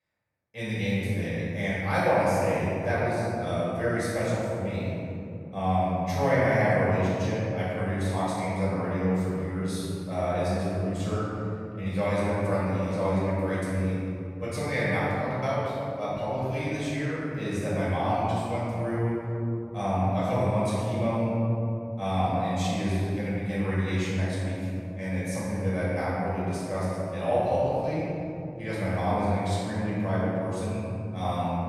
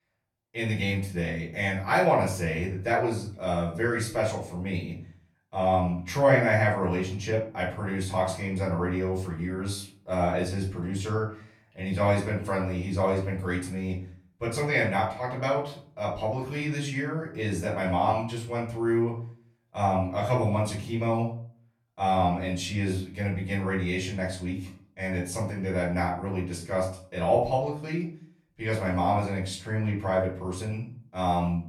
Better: second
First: room echo; strong; dies away in 3 s // off-mic speech; far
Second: room echo; slight; dies away in 0.4 s // off-mic speech; far

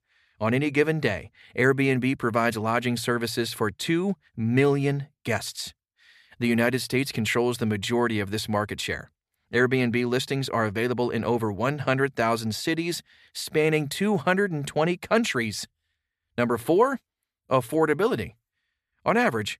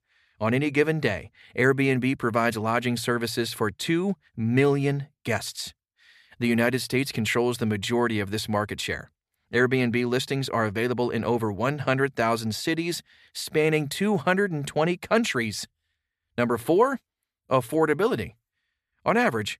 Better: neither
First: none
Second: none

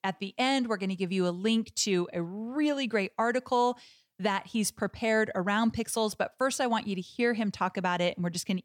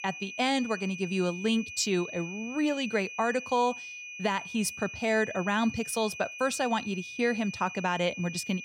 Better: first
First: none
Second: high-pitched whine; loud; throughout; 2.5 kHz, 10 dB below the speech

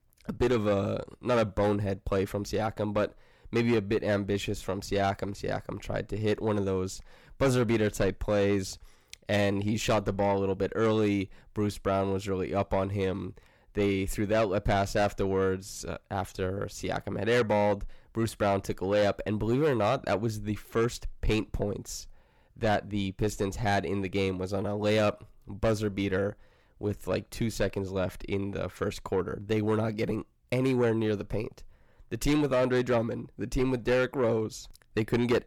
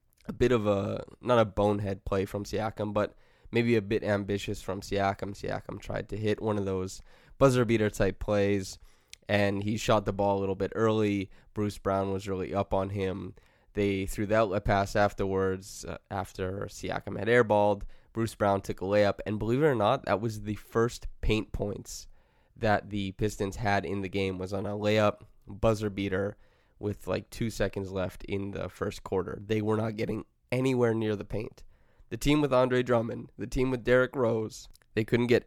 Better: second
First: distortion; slight; 10 dB below the speech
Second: none

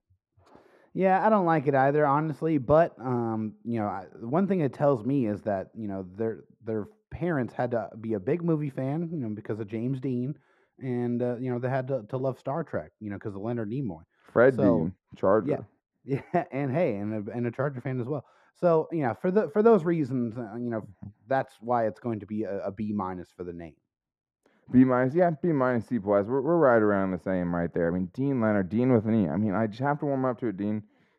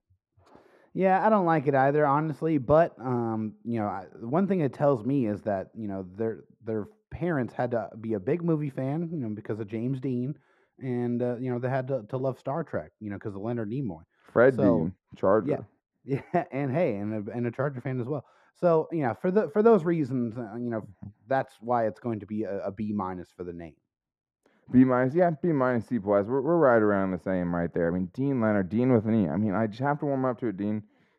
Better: neither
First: muffled; very; fading above 2 kHz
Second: muffled; very; fading above 2 kHz

